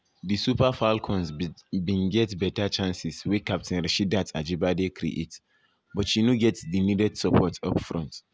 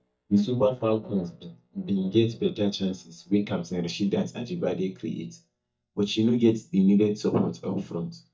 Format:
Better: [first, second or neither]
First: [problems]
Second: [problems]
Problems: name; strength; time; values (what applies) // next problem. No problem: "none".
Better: first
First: none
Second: noise reduction (neural mask model DeepFilterNet 3)